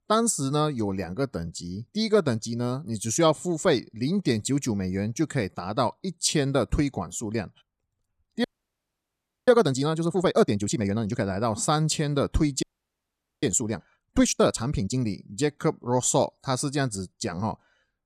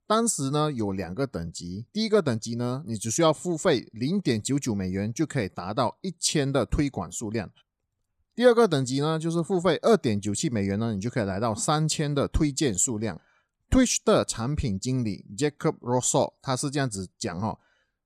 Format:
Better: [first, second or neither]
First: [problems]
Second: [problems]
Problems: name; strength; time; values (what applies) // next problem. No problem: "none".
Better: second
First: audio freezing; at 8.5 s for 1 s and at 13 s for 1 s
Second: none